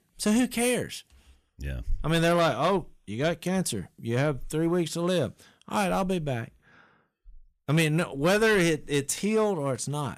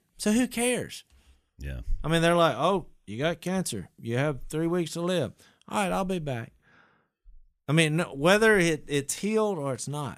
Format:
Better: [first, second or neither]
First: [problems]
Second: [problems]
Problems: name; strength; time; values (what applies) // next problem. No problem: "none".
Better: second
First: distortion; slight; 10 dB below the speech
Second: none